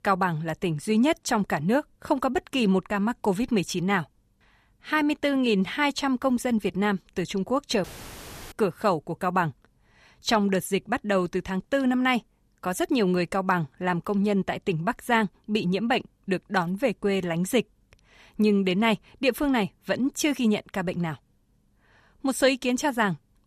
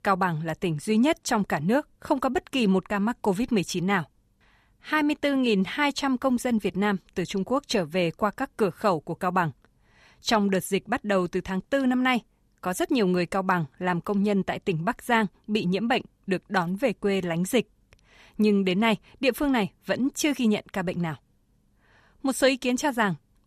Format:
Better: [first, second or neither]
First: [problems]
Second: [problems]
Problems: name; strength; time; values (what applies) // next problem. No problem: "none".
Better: second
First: audio cutting out; filled with static; at 8 s for 0.5 s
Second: none